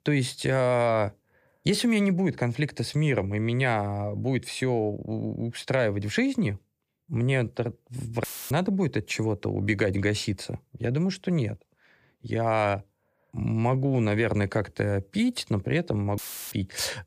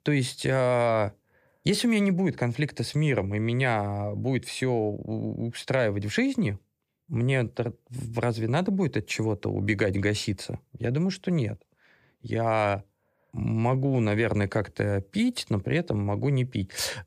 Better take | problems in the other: second | audio cutting out; filled with static; at 8 s and at 16 s

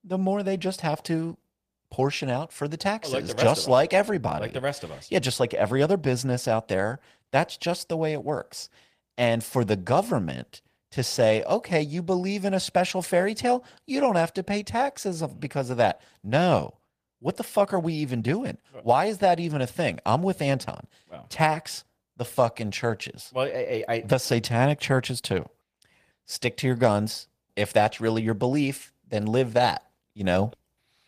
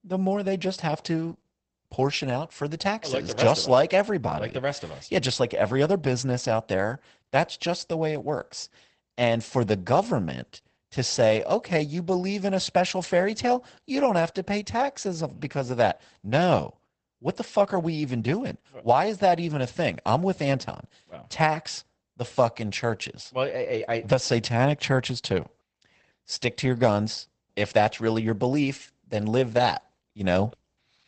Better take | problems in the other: first | garbled, watery; badly; nothing above 8 kHz; slightly in the first

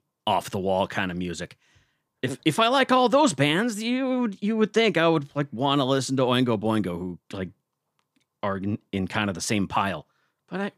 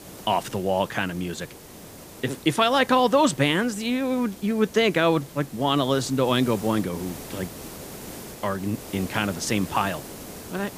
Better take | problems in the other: first | hiss; noticeable; throughout; 15 dB below the speech

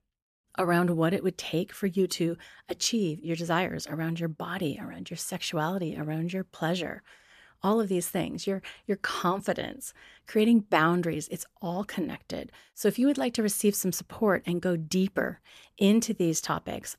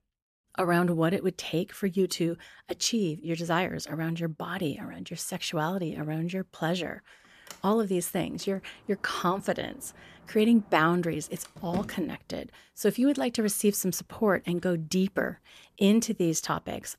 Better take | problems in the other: first | door banging; noticeable; from 7.5 to 12 s; peak 9 dB below the speech

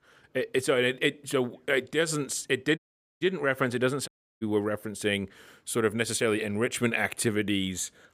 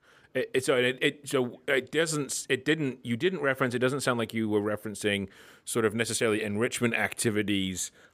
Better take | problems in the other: second | audio cutting out; at 3 s and at 4 s

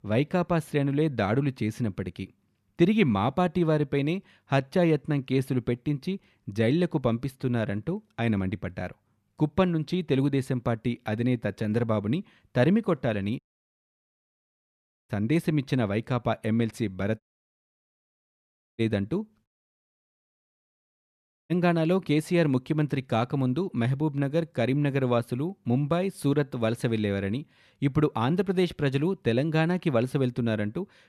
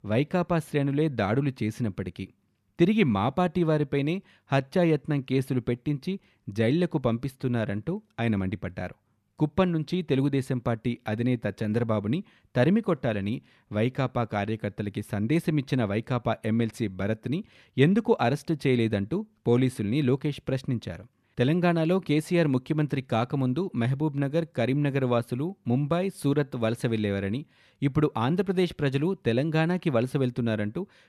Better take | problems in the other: second | audio cutting out; at 13 s for 1.5 s, at 17 s for 1.5 s and at 19 s for 2 s

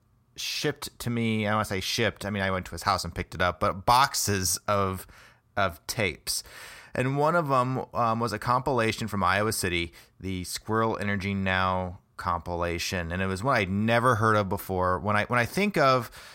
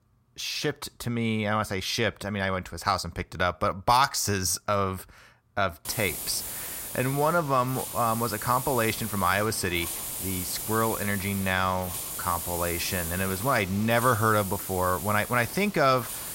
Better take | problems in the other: first | hiss; loud; from 6 s on; 7 dB below the speech

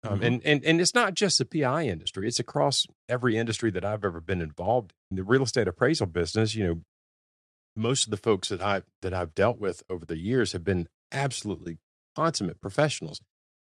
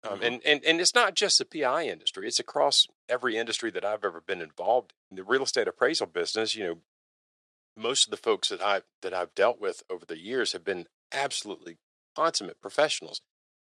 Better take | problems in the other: first | thin; very; fading below 500 Hz

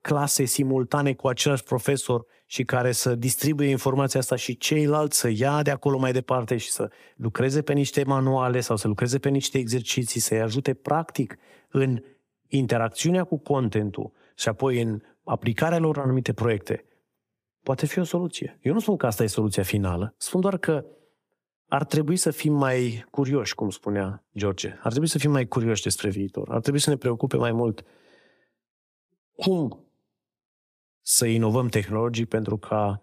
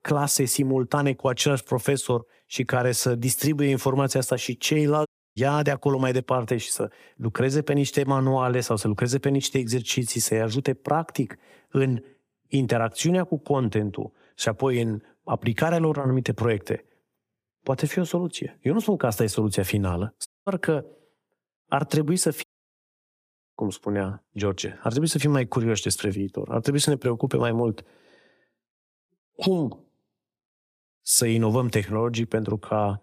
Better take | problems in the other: first | audio cutting out; at 5 s, at 20 s and at 22 s for 1 s

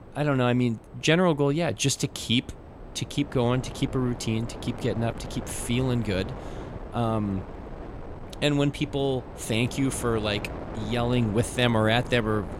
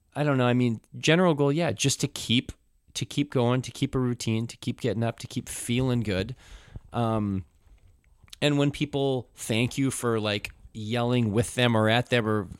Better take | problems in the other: second | wind noise on the microphone; occasional gusts; 15 dB below the speech

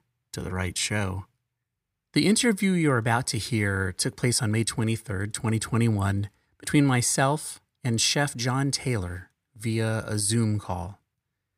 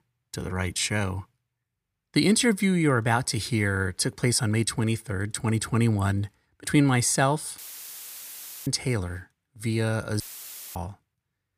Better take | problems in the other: first | audio cutting out; filled with static; at 7.5 s for 1 s and at 10 s for 0.5 s

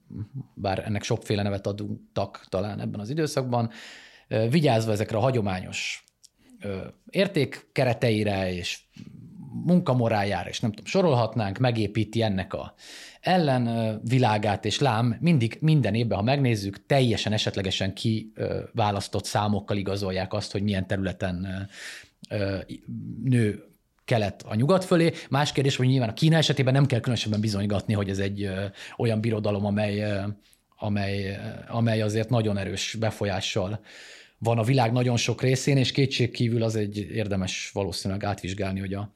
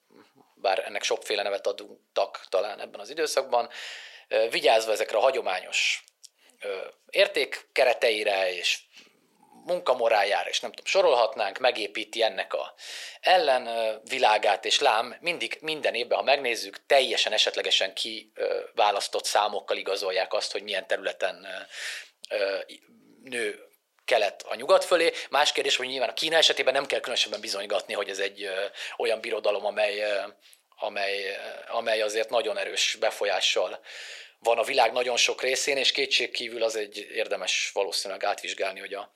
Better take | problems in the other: first | thin; very; fading below 500 Hz

